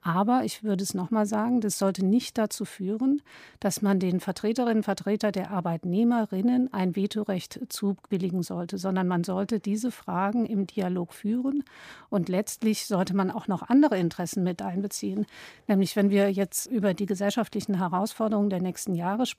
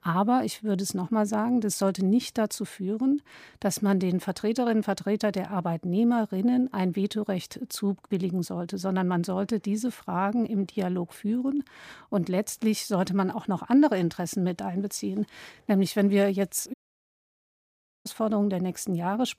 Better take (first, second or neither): first